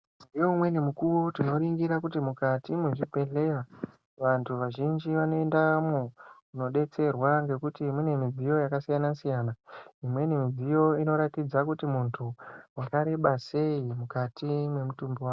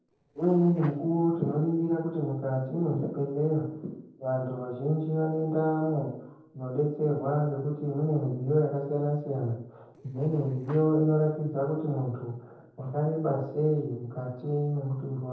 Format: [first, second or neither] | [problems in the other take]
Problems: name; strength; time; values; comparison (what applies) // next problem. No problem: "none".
first | noise reduction (neural separator model SepFormer DNS4)